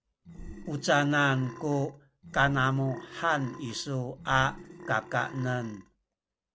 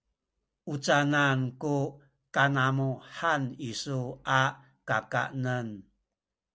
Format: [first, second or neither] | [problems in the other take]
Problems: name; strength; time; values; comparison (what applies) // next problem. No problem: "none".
second | background sound (Burping, eructation); 15 dB below the speech